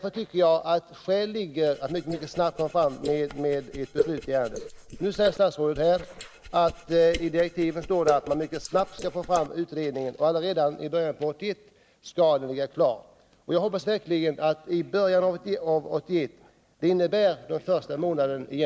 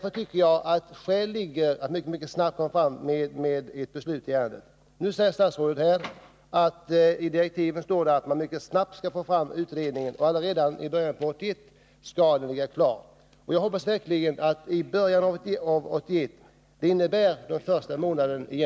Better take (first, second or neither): second